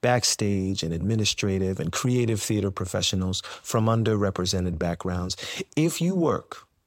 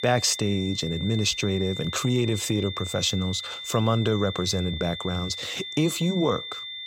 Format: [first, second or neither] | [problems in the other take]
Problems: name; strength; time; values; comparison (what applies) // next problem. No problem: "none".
first | high-pitched whine; loud; throughout; 3.5 kHz, 8 dB below the speech